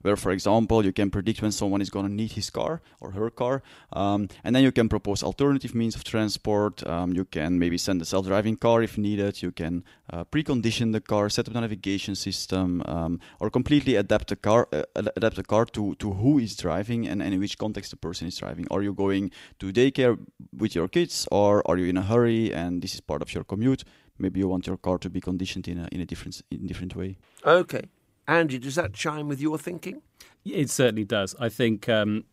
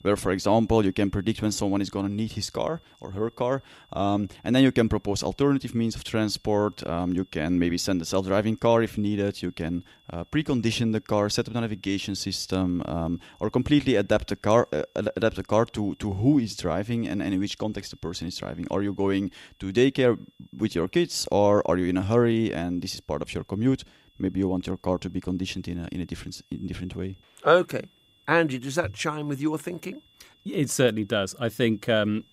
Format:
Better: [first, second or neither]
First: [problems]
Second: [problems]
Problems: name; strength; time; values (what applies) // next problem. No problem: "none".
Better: first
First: none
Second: high-pitched whine; faint; throughout; 3.5 kHz, 35 dB below the speech